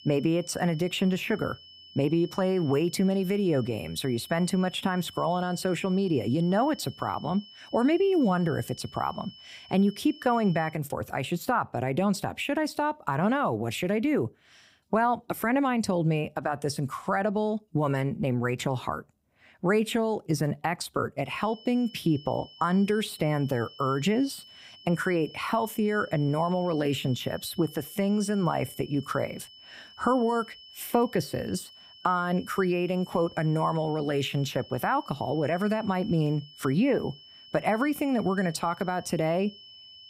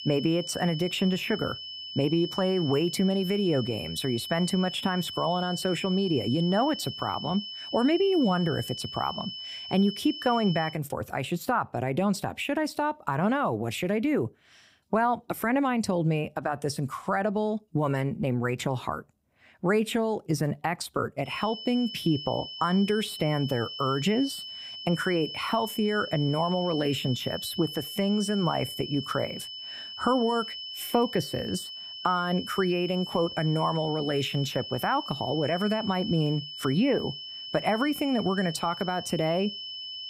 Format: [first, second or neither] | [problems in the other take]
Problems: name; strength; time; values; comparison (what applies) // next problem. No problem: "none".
first | high-pitched whine; loud; until 11 s and from 21 s on; 3 kHz, 9 dB below the speech; faint in the first